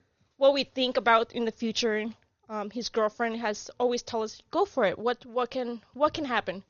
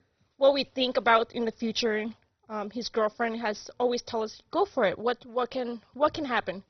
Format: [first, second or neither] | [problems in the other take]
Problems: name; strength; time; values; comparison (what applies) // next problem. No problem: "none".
first | garbled, watery; badly; nothing above 6 kHz; slightly in the first